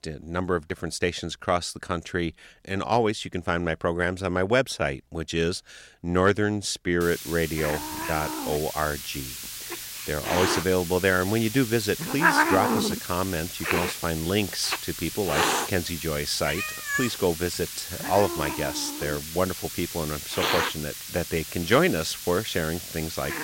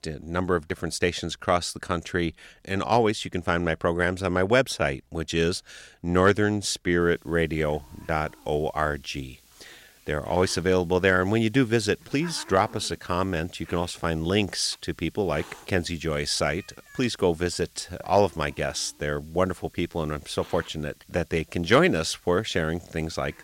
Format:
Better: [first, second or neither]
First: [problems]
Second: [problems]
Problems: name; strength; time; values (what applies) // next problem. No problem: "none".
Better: second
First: hiss; loud; from 7 s on; 3 dB below the speech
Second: hiss; faint; from 7 s on; 25 dB below the speech